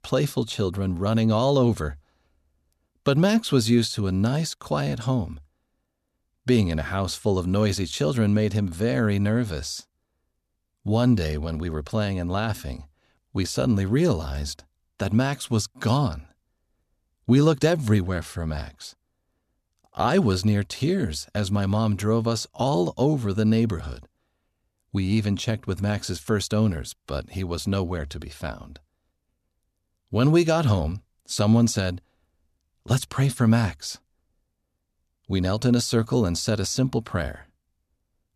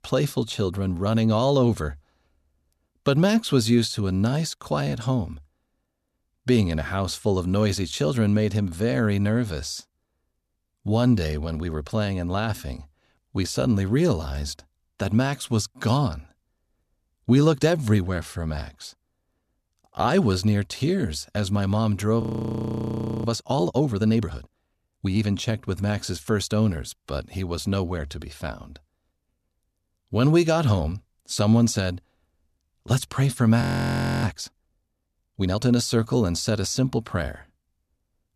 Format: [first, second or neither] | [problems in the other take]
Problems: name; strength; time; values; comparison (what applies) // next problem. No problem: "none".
first | audio freezing; at 22 s for 1 s and at 34 s for 0.5 s